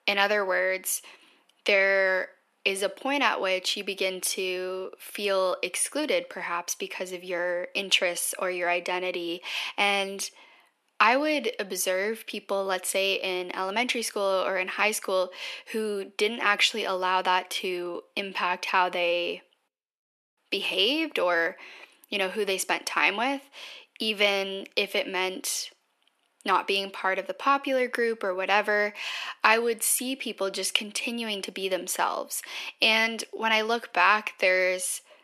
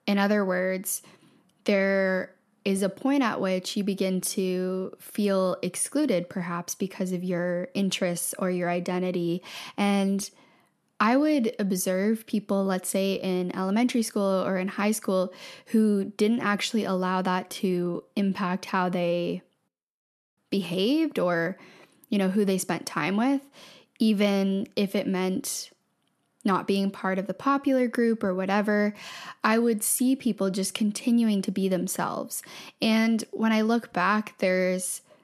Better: second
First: thin; very; fading below 400 Hz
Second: none

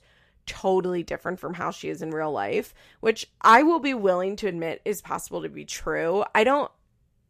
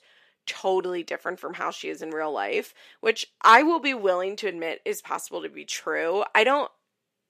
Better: first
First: none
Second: thin; very slightly; fading below 300 Hz

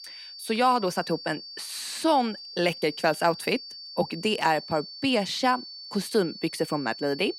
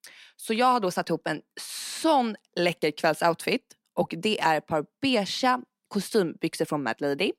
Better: second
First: high-pitched whine; noticeable; throughout; 4.5 kHz, 10 dB below the speech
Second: none

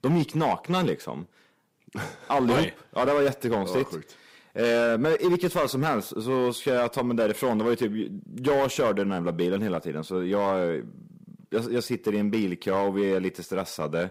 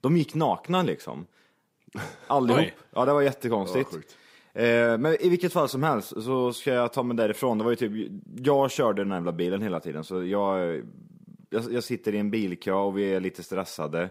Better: second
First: distortion; slight; 6% of the sound clipped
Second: none

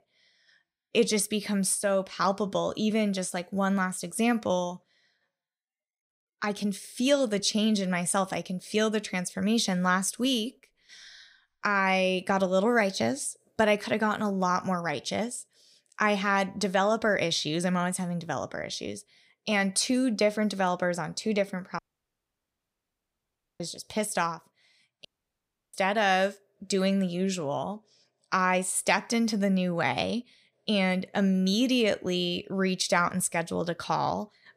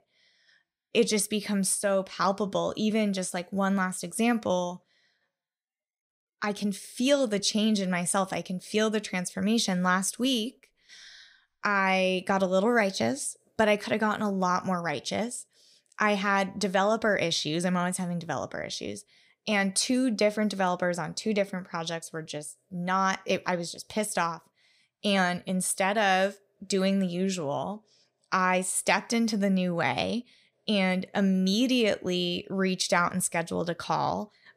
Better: second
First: audio cutting out; at 22 s for 2 s and at 25 s for 0.5 s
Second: none

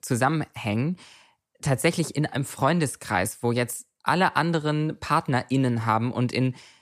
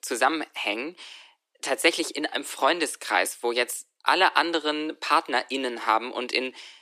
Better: first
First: none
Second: thin; very; fading below 300 Hz

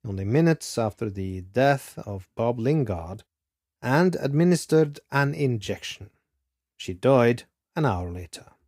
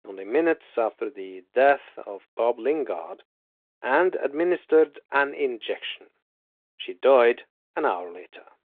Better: first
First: none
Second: phone-call audio

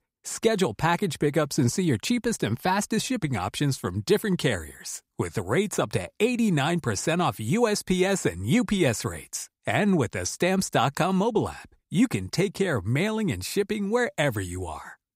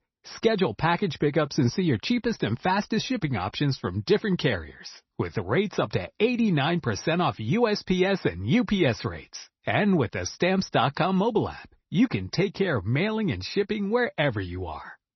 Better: first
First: none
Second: garbled, watery; slightly; nothing above 6 kHz

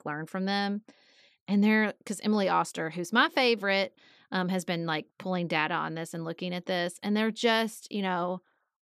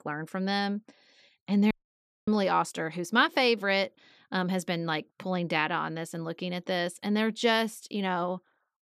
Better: first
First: none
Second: audio cutting out; at 1.5 s for 0.5 s

